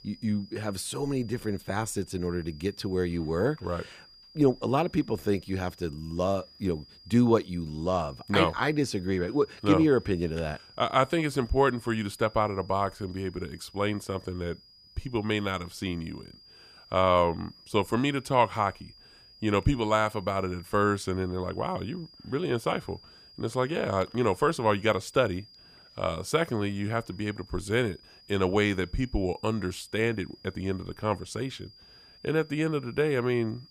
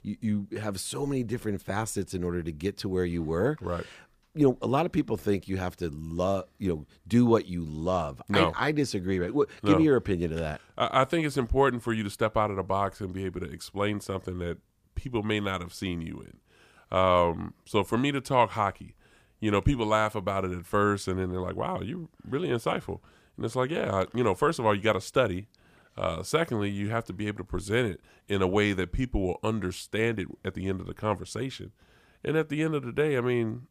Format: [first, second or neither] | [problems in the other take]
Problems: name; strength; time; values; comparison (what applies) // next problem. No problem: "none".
second | high-pitched whine; faint; throughout; 5 kHz, 25 dB below the speech